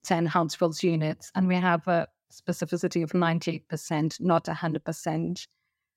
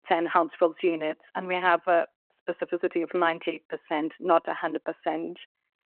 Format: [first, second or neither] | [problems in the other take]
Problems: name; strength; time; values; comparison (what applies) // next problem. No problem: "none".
first | phone-call audio